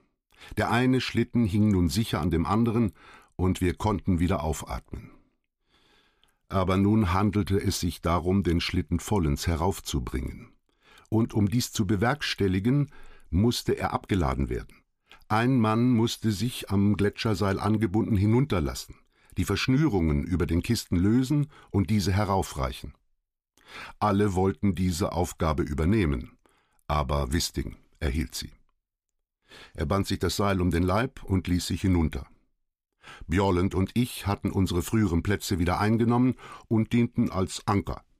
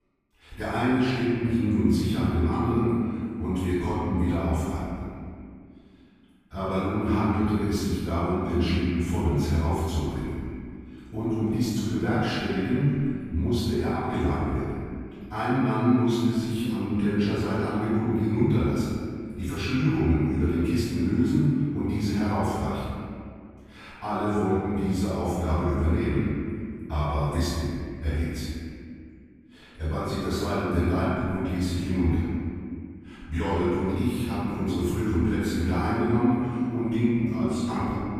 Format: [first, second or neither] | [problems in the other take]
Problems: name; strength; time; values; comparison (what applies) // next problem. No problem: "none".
first | off-mic speech; far // room echo; strong; dies away in 2.2 s